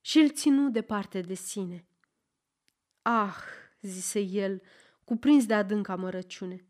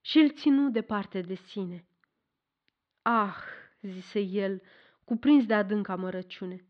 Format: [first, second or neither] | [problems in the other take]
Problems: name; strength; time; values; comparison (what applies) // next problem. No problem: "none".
first | muffled; slightly; fading above 4 kHz